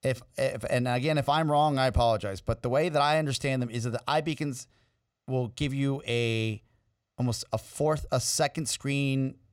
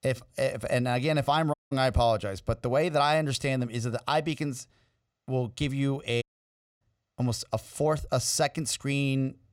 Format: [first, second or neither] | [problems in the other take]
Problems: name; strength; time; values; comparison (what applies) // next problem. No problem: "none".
first | audio cutting out; at 1.5 s and at 6 s for 0.5 s